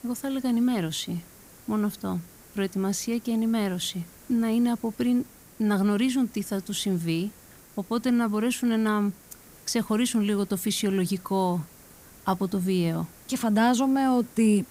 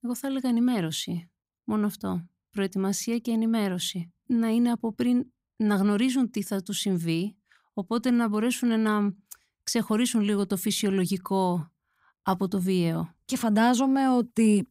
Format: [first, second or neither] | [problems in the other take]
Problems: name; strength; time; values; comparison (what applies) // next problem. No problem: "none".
second | hiss; faint; throughout; 25 dB below the speech